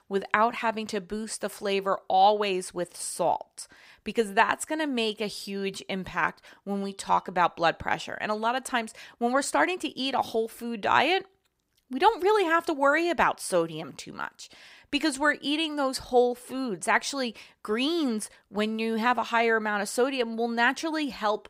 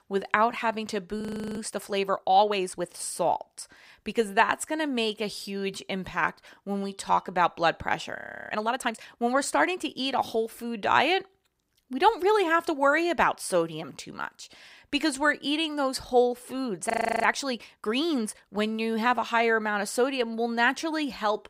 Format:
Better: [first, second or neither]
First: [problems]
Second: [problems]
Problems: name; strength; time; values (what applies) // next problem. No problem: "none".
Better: first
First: none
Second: audio freezing; at 1 s, at 8 s and at 17 s